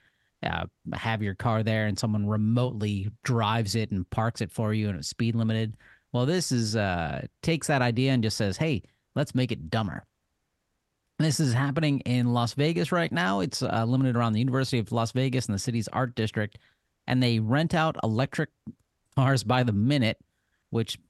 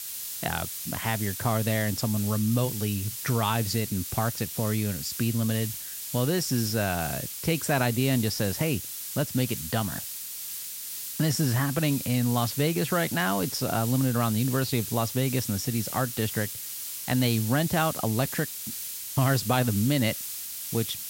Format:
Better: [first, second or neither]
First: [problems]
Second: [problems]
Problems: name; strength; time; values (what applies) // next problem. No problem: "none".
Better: first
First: none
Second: hiss; loud; throughout; 6 dB below the speech